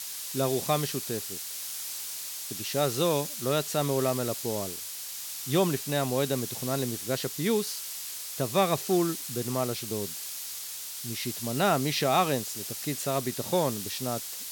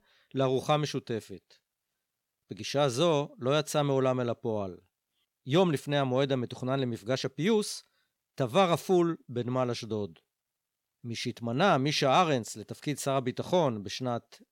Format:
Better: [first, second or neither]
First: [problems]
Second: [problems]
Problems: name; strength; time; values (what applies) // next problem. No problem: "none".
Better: second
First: hiss; loud; throughout; 5 dB below the speech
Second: none